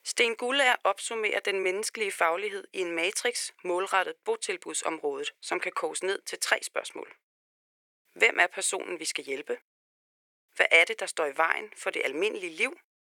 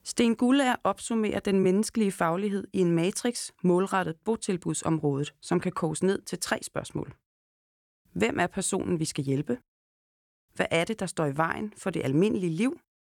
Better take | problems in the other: second | thin; very; fading below 450 Hz

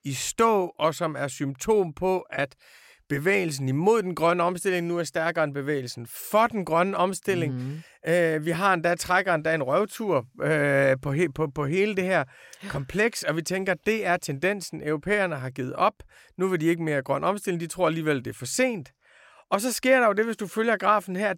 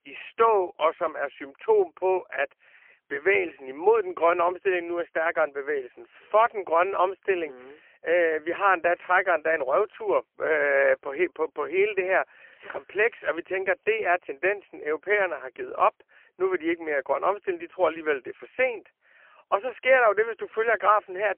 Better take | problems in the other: first | phone-call audio; poor line

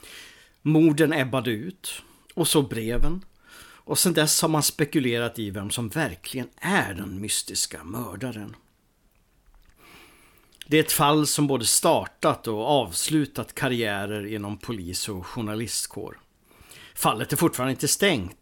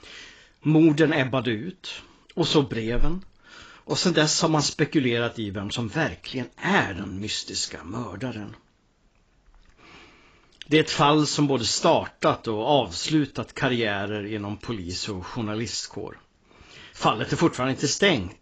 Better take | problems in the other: first | garbled, watery; badly; nothing above 7.5 kHz

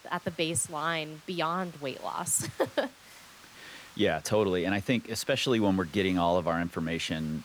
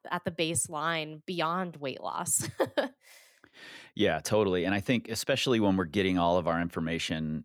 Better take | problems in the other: second | hiss; faint; throughout; 20 dB below the speech

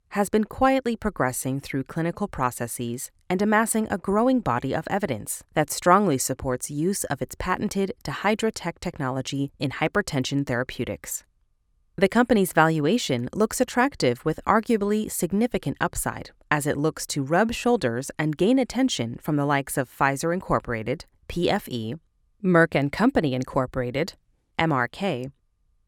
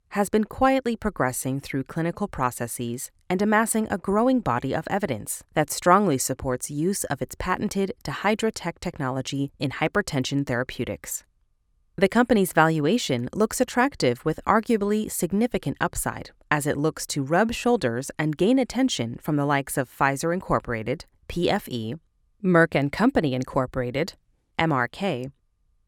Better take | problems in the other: neither | none

